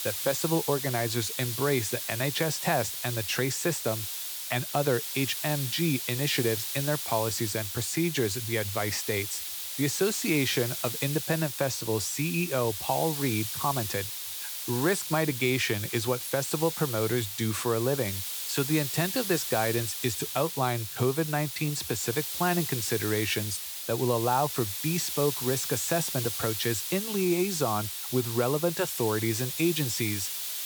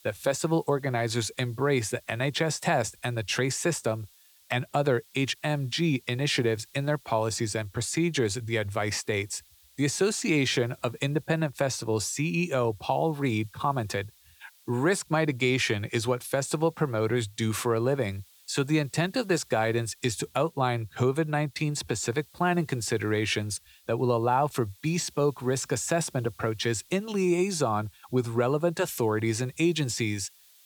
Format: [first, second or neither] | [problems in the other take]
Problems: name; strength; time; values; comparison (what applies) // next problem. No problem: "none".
second | hiss; loud; throughout; 3 dB below the speech; faint in the second